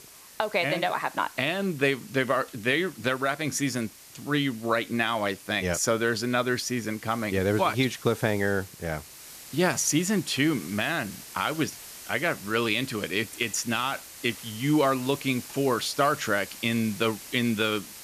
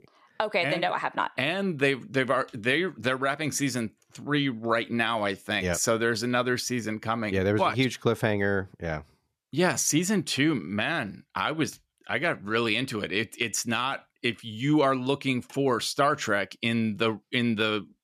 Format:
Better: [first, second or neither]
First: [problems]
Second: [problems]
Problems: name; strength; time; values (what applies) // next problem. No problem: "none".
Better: second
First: hiss; noticeable; throughout; 15 dB below the speech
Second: none